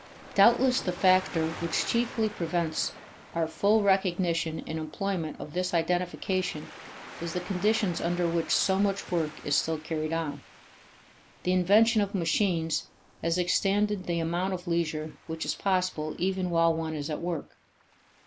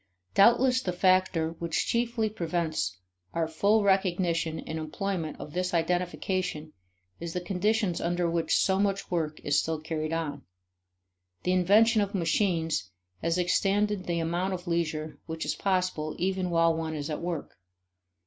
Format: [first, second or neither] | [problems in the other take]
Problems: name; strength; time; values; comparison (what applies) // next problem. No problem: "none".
second | background sound (Waves, surf); 18 dB below the speech